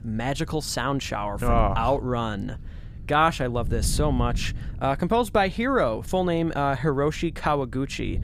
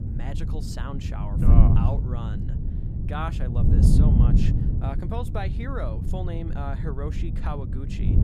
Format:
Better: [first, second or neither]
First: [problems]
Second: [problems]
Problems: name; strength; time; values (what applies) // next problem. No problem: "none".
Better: first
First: wind noise on the microphone; occasional gusts; 25 dB below the speech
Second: wind noise on the microphone; heavy; as loud as the speech